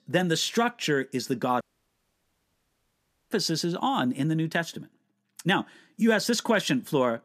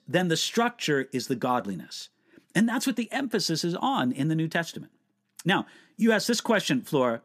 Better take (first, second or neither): second